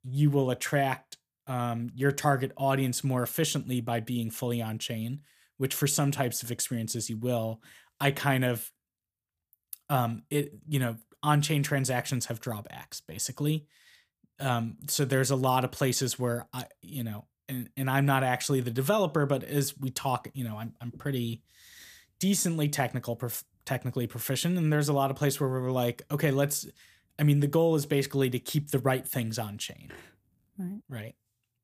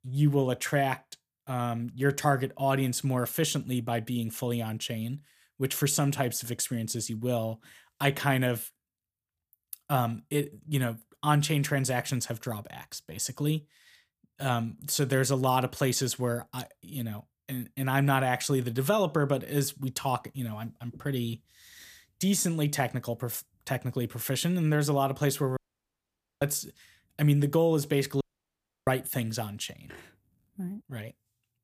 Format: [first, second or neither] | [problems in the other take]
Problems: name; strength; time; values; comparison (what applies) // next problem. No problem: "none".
first | audio cutting out; at 26 s for 1 s and at 28 s for 0.5 s